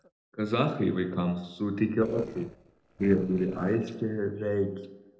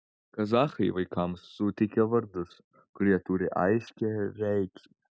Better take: second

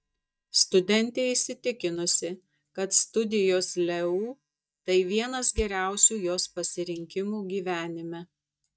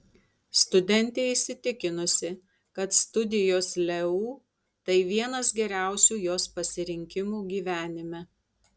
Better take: second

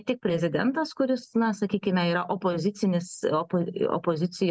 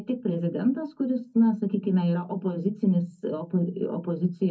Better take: first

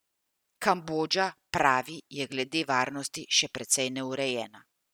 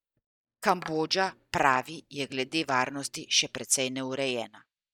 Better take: first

